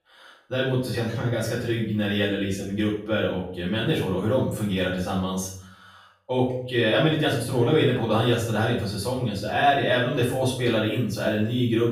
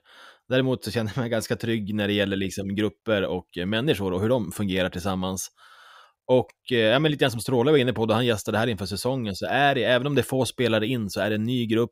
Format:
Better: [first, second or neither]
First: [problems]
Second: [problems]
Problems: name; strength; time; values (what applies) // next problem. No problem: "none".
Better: second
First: off-mic speech; far // room echo; noticeable; dies away in 0.5 s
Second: none